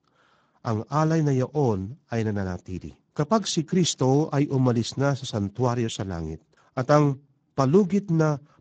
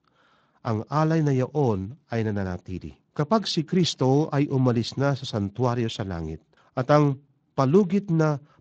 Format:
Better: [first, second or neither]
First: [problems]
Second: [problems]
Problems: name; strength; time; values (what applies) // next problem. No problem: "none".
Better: second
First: garbled, watery; badly; nothing above 7.5 kHz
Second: garbled, watery; slightly